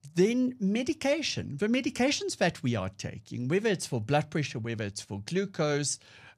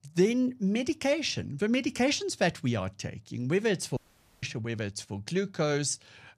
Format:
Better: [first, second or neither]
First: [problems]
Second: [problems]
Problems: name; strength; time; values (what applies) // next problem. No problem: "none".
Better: first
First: none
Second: audio cutting out; at 4 s